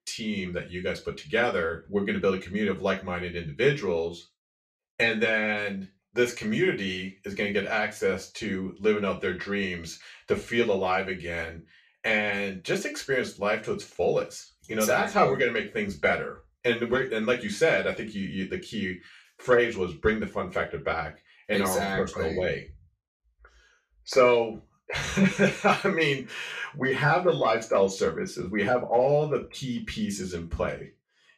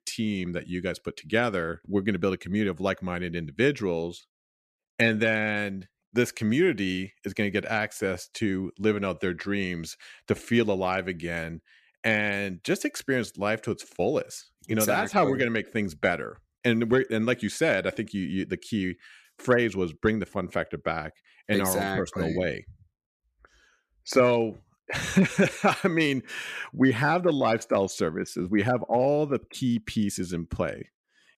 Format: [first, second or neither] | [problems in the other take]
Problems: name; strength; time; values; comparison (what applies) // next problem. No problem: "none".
second | room echo; very slight; dies away in 0.3 s // off-mic speech; far